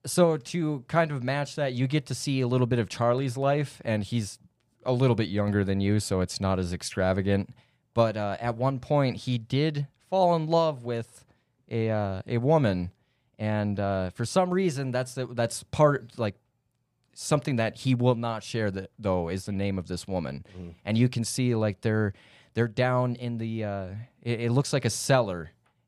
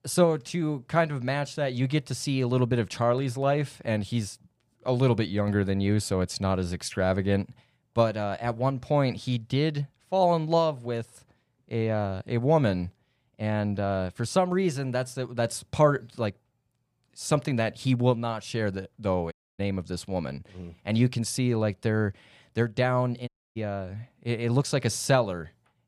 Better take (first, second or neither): first